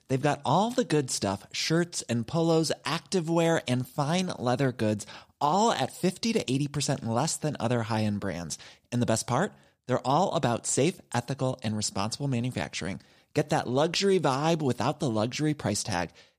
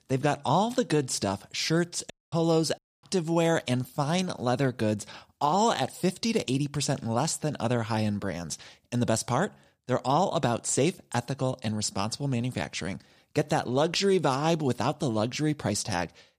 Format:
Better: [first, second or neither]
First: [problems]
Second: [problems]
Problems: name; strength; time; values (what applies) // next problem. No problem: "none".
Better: first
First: none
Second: audio cutting out; at 2 s and at 3 s